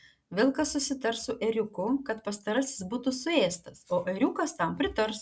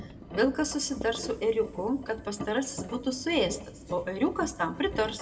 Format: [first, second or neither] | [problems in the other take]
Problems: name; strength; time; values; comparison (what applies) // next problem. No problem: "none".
first | background sound (Engine); 12 dB below the speech // room echo; dies away in 1.8 s